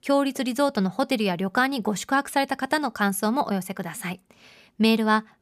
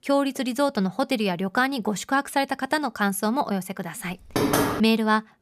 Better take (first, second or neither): first